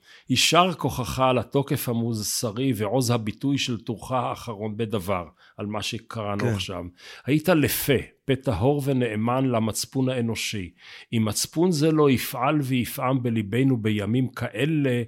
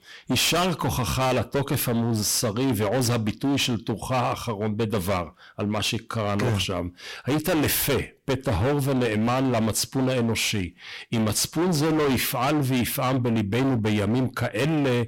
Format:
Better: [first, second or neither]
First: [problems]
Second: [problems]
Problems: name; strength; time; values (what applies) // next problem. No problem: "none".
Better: first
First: none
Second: distortion; heavy; 26% of the sound clipped